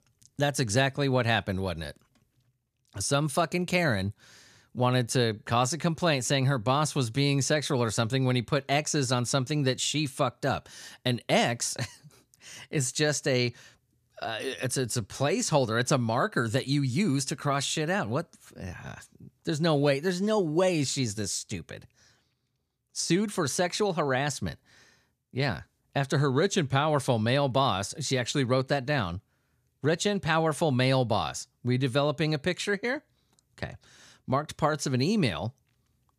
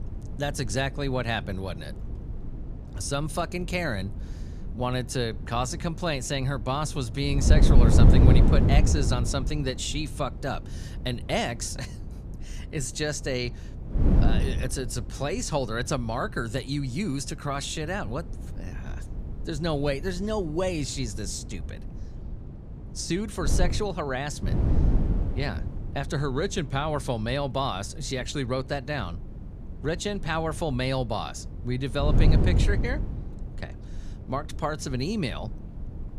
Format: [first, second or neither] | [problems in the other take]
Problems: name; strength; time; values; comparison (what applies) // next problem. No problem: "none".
first | wind noise on the microphone; heavy; 9 dB below the speech